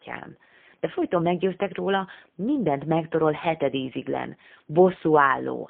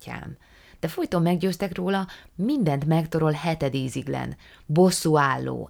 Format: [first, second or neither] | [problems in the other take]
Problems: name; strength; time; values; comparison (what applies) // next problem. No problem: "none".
second | phone-call audio; poor line; nothing above 3 kHz